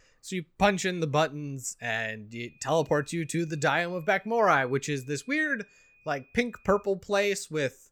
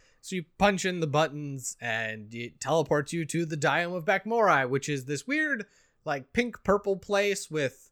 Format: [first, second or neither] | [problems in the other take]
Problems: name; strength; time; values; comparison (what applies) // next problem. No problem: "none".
second | high-pitched whine; faint; from 2.5 to 7 s; 2.5 kHz, 30 dB below the speech